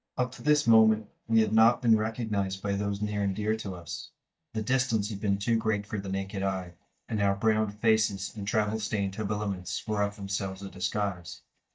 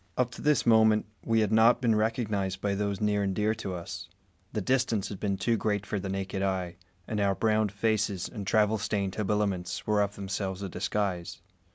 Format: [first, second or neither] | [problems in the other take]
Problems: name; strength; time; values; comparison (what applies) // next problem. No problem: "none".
second | noise reduction (neural mask model DeepFilterNet 3)